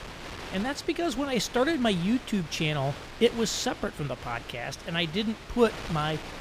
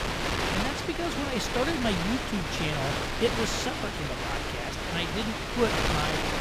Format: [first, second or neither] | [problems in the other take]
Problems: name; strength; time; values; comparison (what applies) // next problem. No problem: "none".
first | wind noise on the microphone; heavy; 3 dB above the speech; occasional gusts in the first